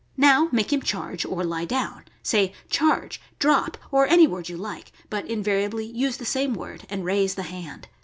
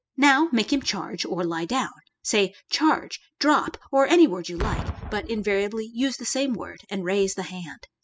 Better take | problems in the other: first | noise reduction (classical method spectral subtraction)

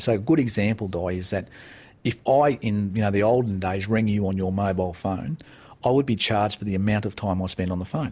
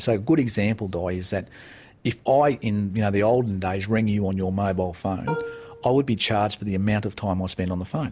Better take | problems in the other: first | background sound (Plucked string instrument); 12 dB below the speech

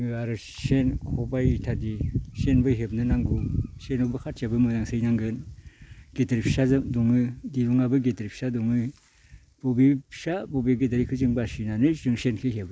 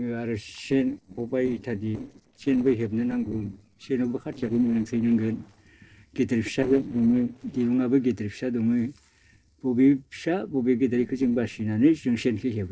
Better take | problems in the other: first | noise reduction (neural separator model SepFormer DNS4)

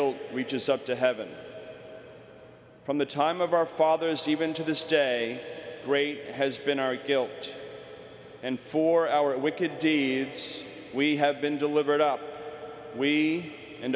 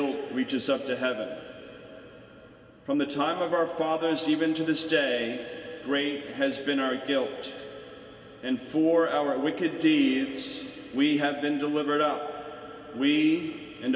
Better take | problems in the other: first | room echo; dies away in 2.7 s

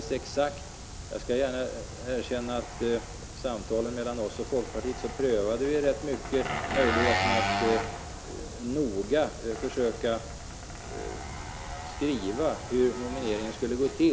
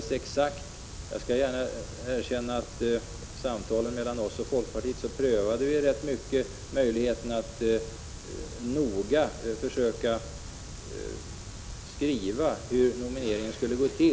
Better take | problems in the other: second | background sound (Engine); 7 dB below the speech

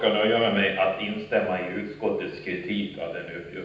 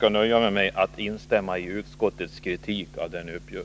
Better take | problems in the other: second | room echo; dies away in 0.9 s

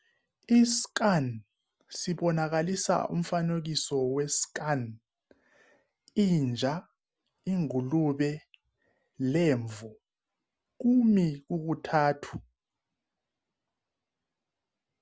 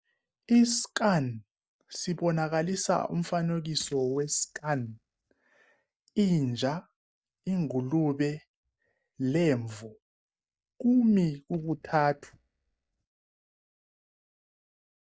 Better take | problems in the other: first | noise reduction (neural mask model DeepFilterNet 3)

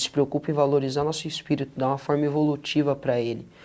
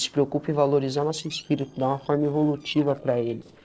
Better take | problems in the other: first | noise reduction (neural separator model SepFormer DNS4)

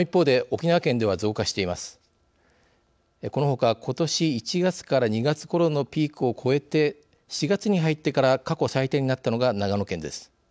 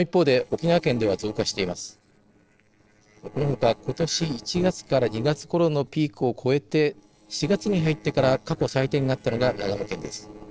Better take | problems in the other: first | noise reduction (neural separator model SepFormer DNS4)

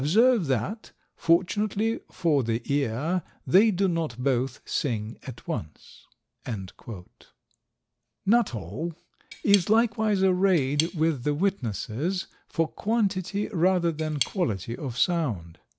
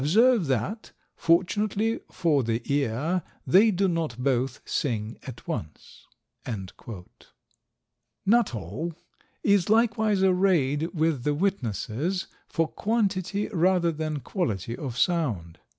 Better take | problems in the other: second | background sound (Cutlery, silverware / Tap); 11 dB below the speech

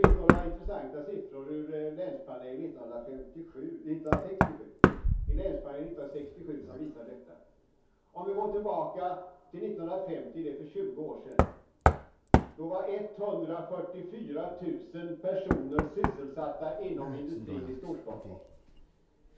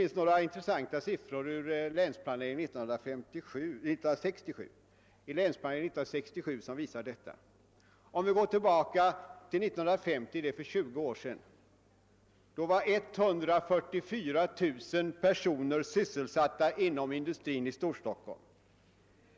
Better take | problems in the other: second | background sound (Knock); 4 dB above the speech // room echo; dies away in 0.6 s

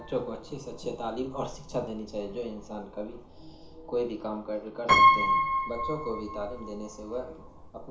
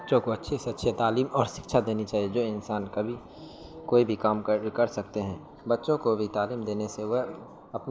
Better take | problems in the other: second | background sound (Piano); 5 dB above the speech // room echo; dies away in 0.4 s

